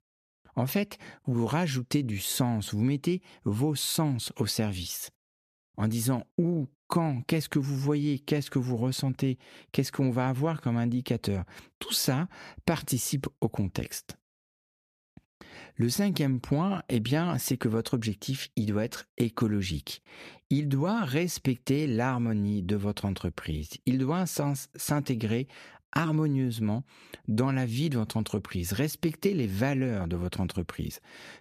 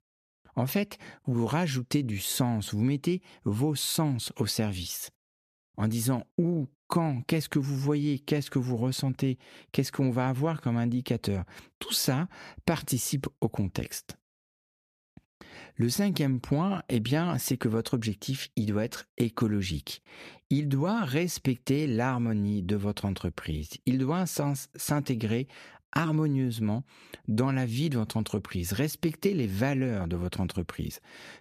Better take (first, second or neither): neither